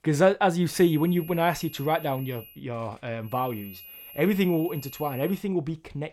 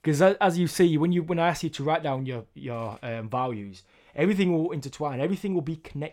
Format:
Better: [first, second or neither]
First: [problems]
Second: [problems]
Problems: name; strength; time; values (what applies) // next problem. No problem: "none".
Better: second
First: high-pitched whine; noticeable; from 0.5 to 2.5 s and from 3.5 to 5.5 s; 11.5 kHz, 15 dB below the speech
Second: none